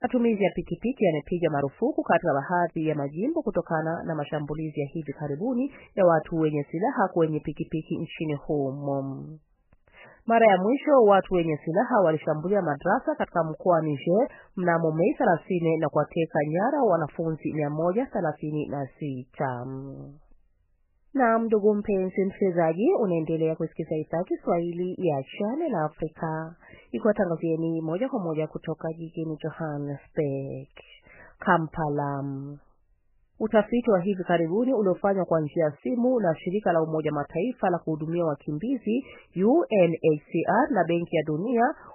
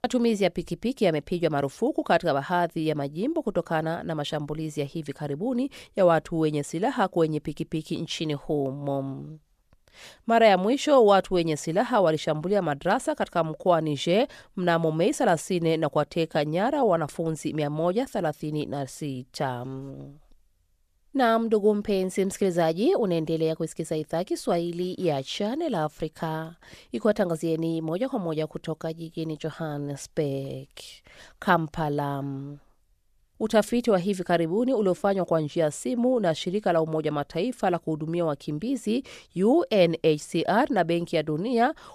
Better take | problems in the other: second | garbled, watery; badly; nothing above 3 kHz

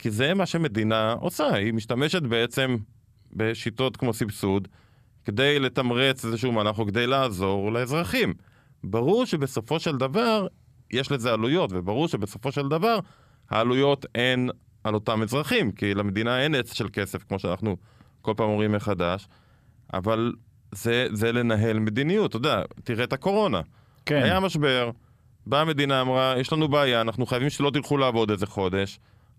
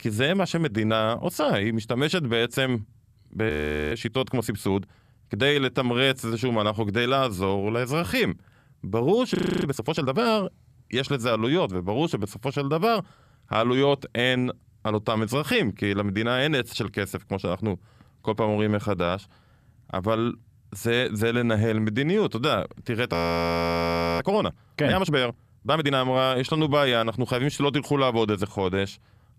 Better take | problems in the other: first | audio freezing; at 3.5 s, at 9.5 s and at 23 s for 1 s

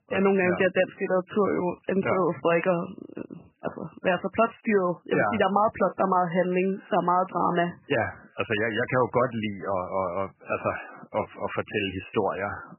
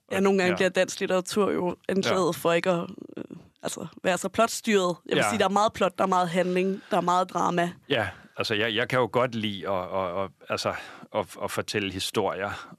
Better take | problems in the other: second | garbled, watery; badly; nothing above 3 kHz

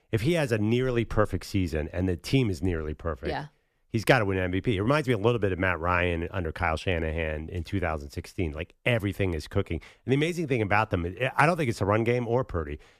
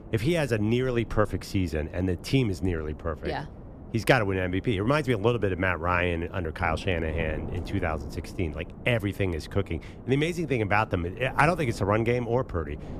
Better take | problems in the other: first | wind noise on the microphone; occasional gusts; 20 dB below the speech

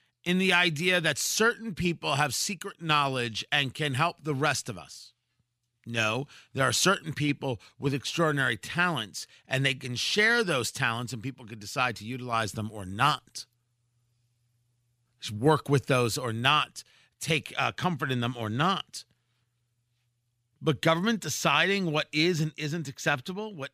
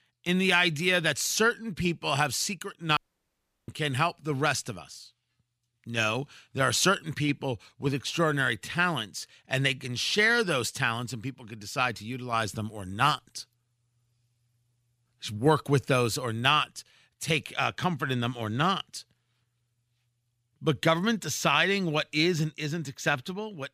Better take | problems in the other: first | audio cutting out; at 3 s for 0.5 s

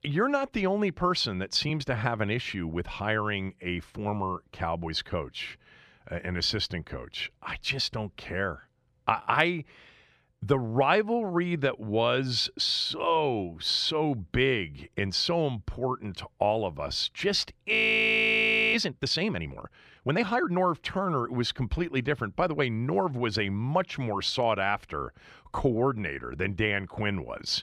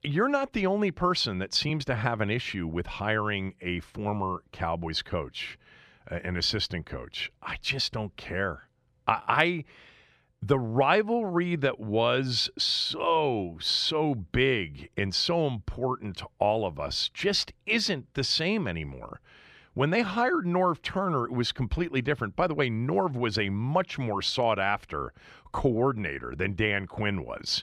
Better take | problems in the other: second | audio freezing; at 18 s for 1 s

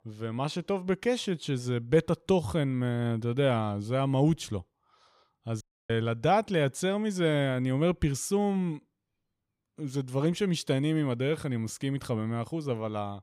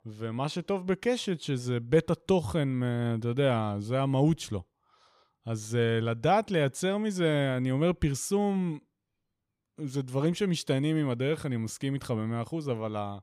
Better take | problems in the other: second | audio cutting out; at 5.5 s

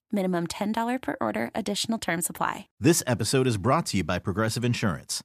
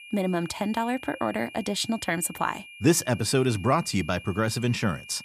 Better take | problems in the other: first | high-pitched whine; noticeable; throughout; 2.5 kHz, 15 dB below the speech

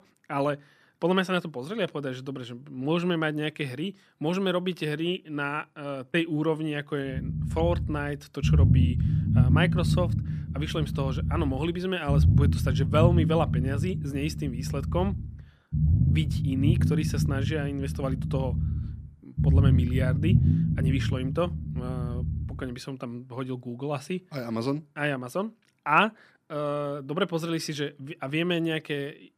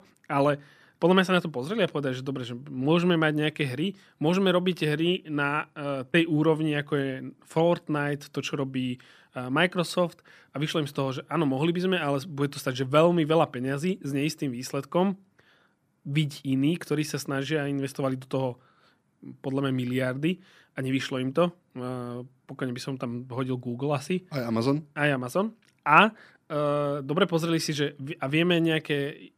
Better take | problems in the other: second | low rumble; loud; from 7 to 23 s; 7 dB below the speech

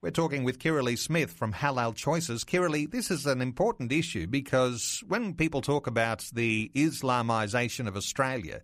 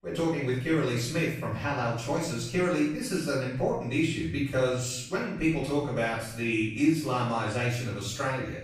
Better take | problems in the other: first | off-mic speech; far // room echo; noticeable; dies away in 0.7 s

